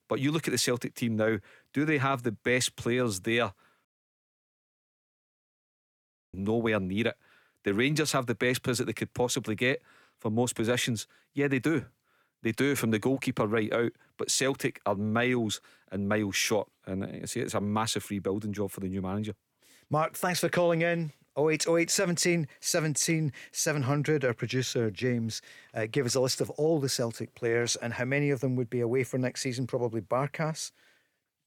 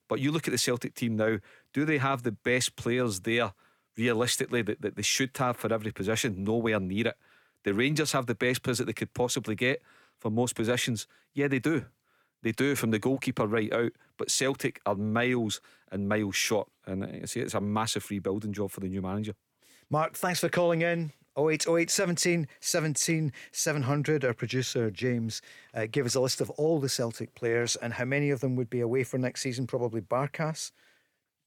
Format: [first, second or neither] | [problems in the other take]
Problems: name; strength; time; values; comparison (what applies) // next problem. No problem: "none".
second | audio cutting out; at 4 s for 2.5 s